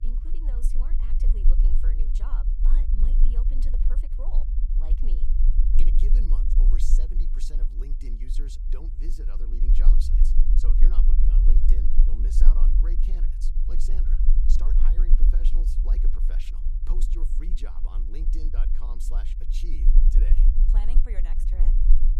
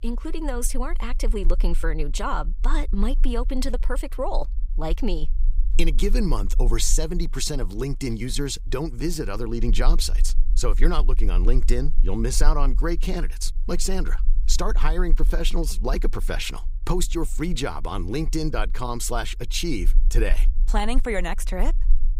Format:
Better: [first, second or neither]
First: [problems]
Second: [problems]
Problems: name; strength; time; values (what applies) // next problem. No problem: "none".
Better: second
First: low rumble; loud; throughout; 1 dB below the speech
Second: low rumble; faint; throughout; 25 dB below the speech